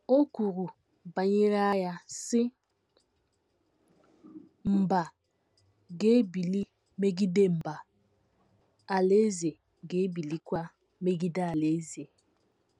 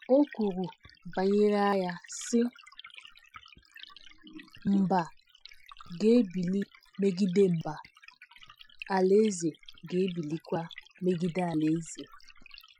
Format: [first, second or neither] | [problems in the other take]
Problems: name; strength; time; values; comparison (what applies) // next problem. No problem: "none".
first | noise reduction (classical method Wiener filter)